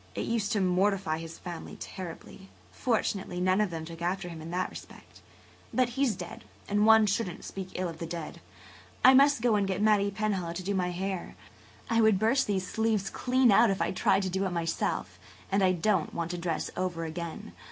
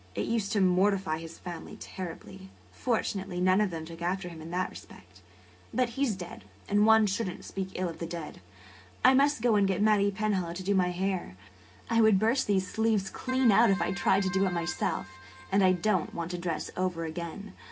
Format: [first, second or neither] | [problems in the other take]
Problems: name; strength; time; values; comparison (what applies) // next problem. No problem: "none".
first | background sound (Keyboard (musical)); 14 dB below the speech // room echo; dies away in 0.3 s